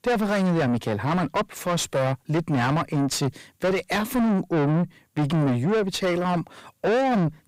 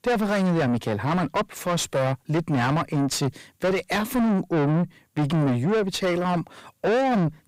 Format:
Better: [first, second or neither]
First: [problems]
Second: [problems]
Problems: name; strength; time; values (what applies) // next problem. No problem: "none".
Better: neither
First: distortion; heavy; 5 dB below the speech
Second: distortion; heavy; 5 dB below the speech